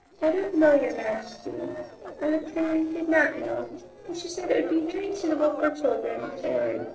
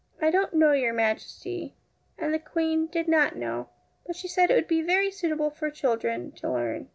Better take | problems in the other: second | noise reduction (neural separator model SepFormer DNS4)

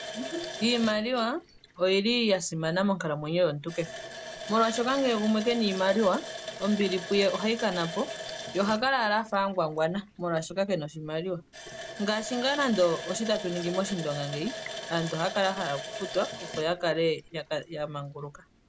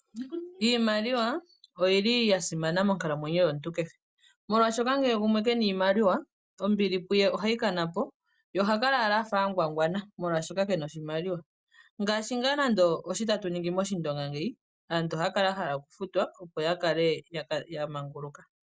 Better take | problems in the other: second | background sound (Water tap, faucet); 12 dB below the speech

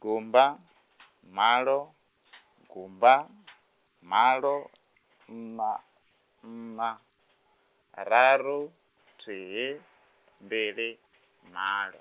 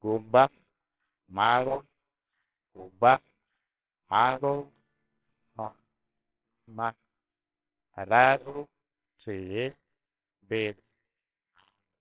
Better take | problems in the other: first | noise reduction (neural separator model SepFormer WHAMR!)

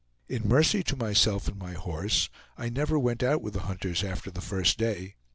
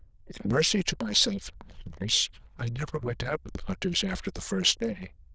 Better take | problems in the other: first | noise reduction (neural diffusion model UNIVERSE++)

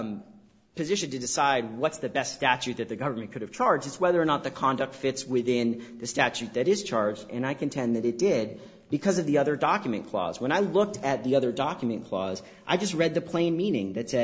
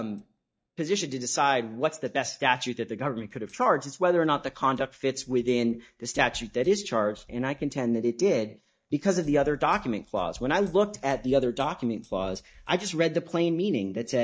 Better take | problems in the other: first | noise reduction (neural mask model DeepFilterNet 3)

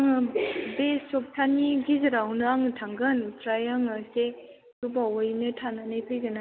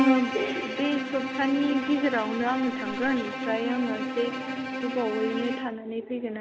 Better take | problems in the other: first | background sound (Bowed string instrument); 4 dB below the speech

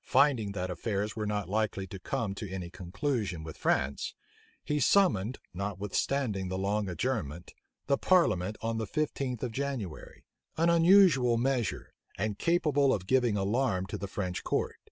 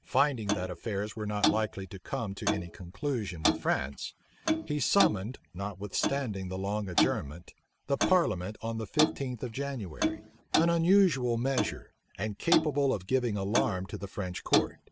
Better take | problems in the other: first | background sound (Clock); 4 dB below the speech

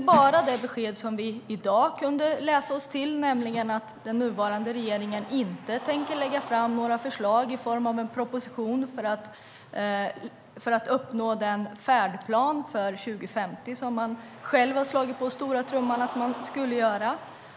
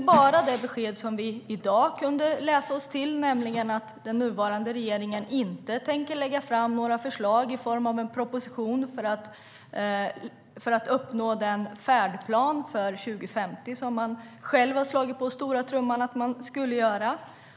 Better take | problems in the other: second | background sound (Cheering); 19 dB below the speech

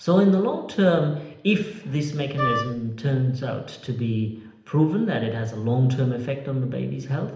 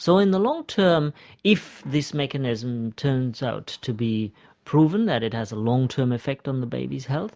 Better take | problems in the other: second | background sound (Wind instrument, woodwind instrument); 4 dB below the speech // room echo; dies away in 0.8 s

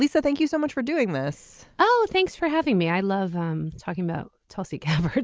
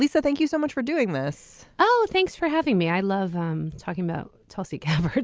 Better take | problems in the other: second | noise reduction (neural mask model Resemble Enhance denoiser)

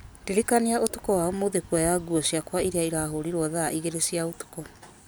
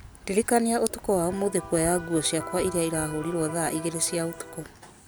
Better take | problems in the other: first | background sound (Electric guitar); 13 dB below the speech

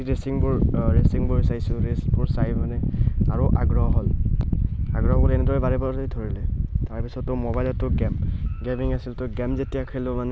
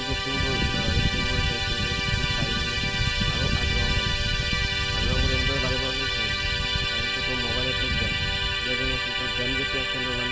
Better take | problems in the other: first | background sound (Musical instrument); 1 dB above the speech

